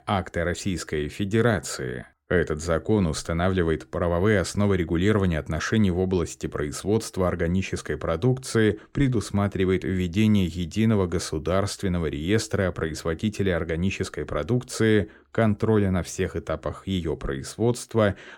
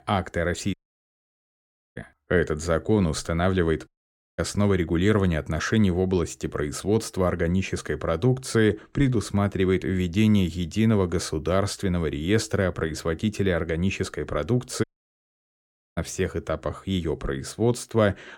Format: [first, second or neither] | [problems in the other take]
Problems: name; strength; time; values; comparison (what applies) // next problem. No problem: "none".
first | audio cutting out; at 0.5 s for 1 s, at 4 s for 0.5 s and at 15 s for 1 s